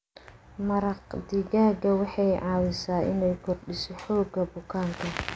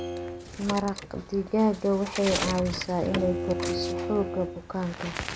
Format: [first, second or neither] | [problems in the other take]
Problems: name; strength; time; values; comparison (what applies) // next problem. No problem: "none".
first | background sound (Bowed string instrument + Bird); 6 dB below the speech